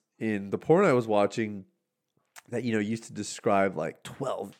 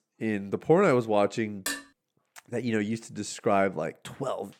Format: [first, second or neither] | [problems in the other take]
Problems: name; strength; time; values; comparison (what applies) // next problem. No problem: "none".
first | clattering dishes; noticeable; at 1.5 s; peak 6 dB below the speech